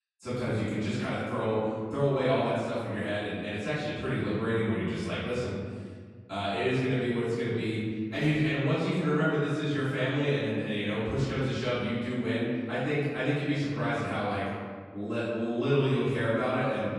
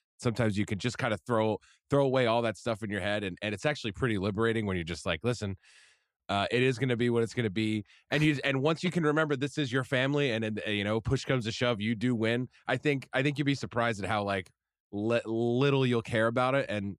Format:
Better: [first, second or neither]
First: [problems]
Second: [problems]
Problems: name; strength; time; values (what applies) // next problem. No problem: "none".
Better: second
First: off-mic speech; far // room echo; strong; dies away in 1.7 s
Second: none